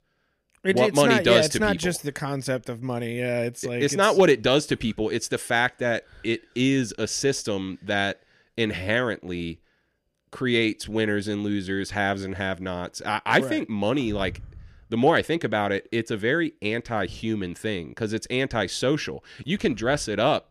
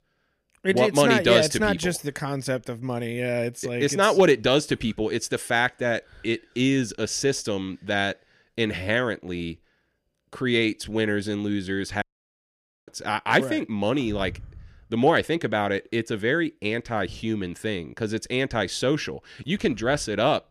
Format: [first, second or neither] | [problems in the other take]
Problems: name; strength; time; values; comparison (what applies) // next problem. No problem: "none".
first | audio cutting out; at 12 s for 1 s